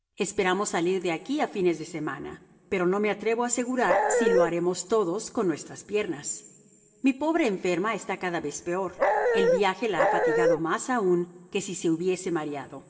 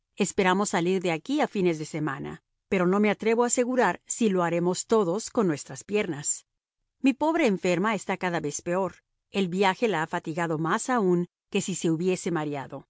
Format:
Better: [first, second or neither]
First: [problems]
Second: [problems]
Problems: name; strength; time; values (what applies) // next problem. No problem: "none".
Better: second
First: background sound (Dog); 5 dB above the speech // room echo; dies away in 2.8 s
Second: none